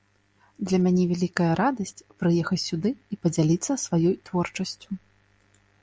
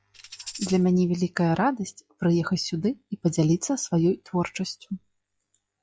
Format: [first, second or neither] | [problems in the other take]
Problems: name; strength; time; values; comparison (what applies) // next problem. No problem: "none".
first | noise reduction (classical method log-MMSE)